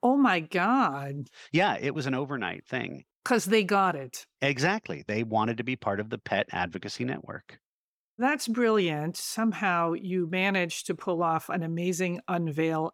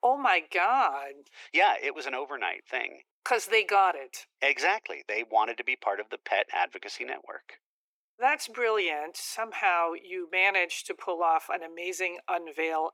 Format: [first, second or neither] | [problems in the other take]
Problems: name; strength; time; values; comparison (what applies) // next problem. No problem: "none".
first | thin; very; fading below 350 Hz